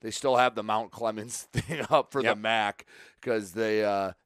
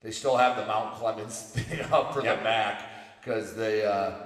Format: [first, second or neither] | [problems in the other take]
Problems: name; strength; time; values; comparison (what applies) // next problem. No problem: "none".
first | room echo; slight; dies away in 1.2 s